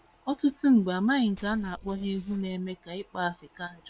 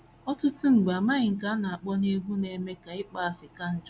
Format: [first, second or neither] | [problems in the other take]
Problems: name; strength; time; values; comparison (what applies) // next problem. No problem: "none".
second | noise reduction (neural separator model SepFormer WHAM!)